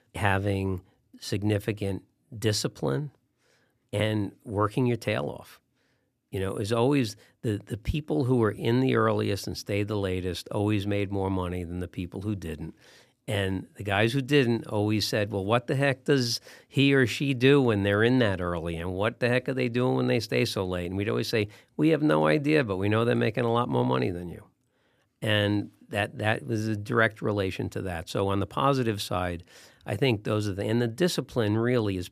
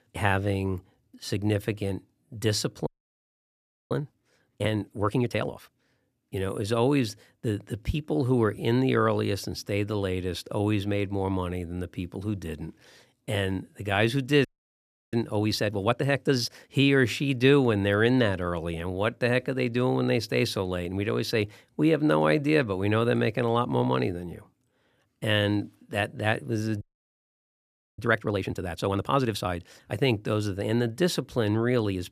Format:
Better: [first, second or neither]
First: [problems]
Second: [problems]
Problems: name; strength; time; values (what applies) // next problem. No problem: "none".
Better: first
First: none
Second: audio freezing; at 3 s for 1 s, at 14 s for 0.5 s and at 27 s for 1 s